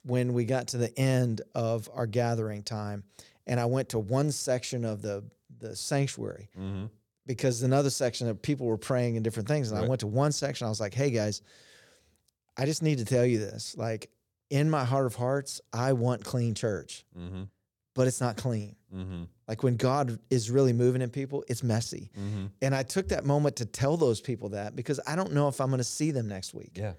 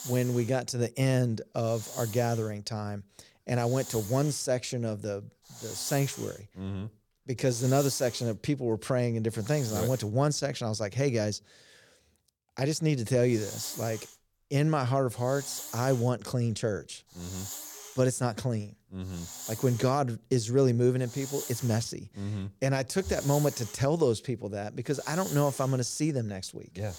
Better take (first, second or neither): first